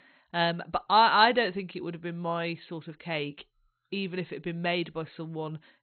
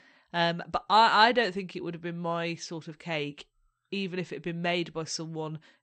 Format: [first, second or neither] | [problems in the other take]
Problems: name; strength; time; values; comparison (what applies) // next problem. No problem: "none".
second | garbled, watery; badly; nothing above 4 kHz; slightly in the second